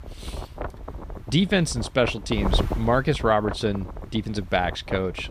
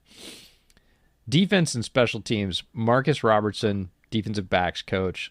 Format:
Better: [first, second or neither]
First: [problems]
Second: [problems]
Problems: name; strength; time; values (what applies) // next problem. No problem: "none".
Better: second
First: wind noise on the microphone; occasional gusts; 10 dB below the speech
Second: none